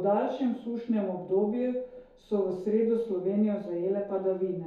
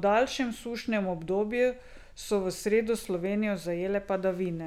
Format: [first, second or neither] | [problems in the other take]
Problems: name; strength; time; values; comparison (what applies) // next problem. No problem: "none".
second | room echo; dies away in 2.3 s